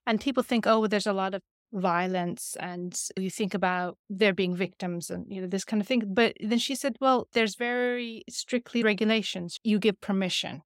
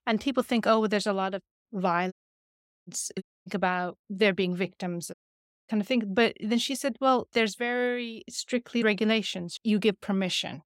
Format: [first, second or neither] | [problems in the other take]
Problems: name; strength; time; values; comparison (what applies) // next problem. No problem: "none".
first | audio cutting out; at 2 s for 0.5 s, at 3 s and at 5 s for 0.5 s